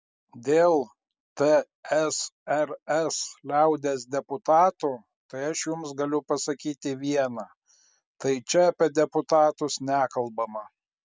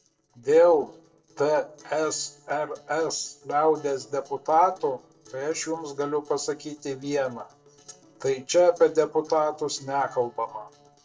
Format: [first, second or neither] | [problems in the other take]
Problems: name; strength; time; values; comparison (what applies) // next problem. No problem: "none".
first | noise reduction (neural separator model SepFormer DNS4)